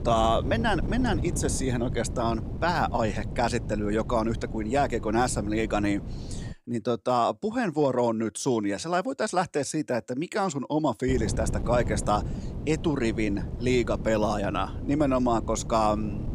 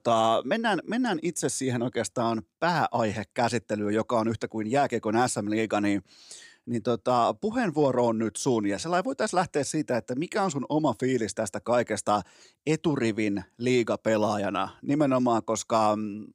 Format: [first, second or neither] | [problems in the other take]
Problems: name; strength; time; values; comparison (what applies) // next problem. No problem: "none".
second | wind noise on the microphone; occasional gusts; until 6.5 s and from 11 s on; 15 dB below the speech